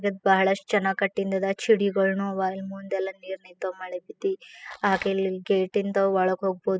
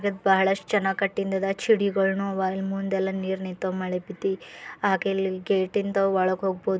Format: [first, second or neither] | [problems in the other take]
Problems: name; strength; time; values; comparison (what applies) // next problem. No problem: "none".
second | noise reduction (classical method spectral subtraction)